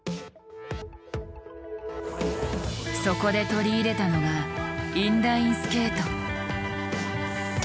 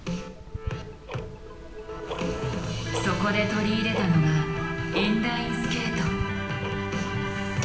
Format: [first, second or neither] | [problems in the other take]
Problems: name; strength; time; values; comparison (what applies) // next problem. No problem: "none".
first | background sound (Tick-tock); 11 dB below the speech // room echo; dies away in 0.8 s